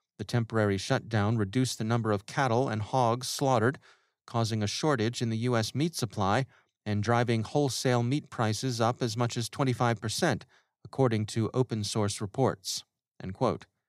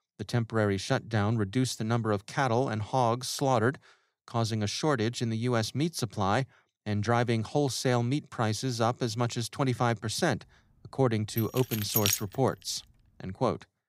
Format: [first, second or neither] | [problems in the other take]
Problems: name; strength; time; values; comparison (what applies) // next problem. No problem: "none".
first | jangling keys; loud; at 11 s; peak 2 dB above the speech